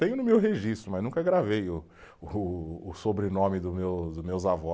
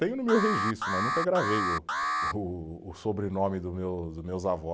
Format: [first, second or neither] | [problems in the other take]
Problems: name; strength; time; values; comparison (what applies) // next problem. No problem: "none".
first | background sound (Alarm); 2 dB below the speech